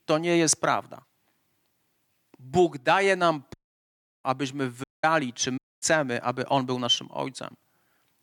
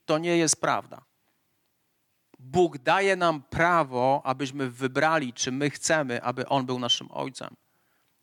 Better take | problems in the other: second | audio cutting out; at 3.5 s for 0.5 s, at 5 s and at 5.5 s

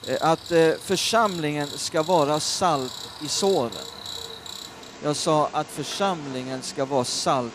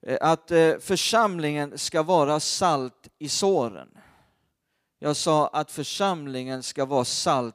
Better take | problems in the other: second | animal sounds; noticeable; throughout; 10 dB below the speech

